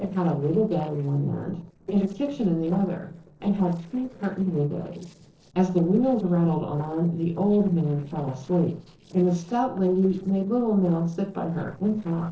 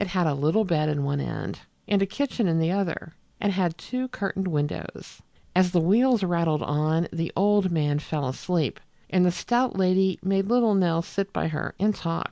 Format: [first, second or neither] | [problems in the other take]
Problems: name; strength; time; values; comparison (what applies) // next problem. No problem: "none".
second | noise reduction (neural separator model SepFormer DNS4)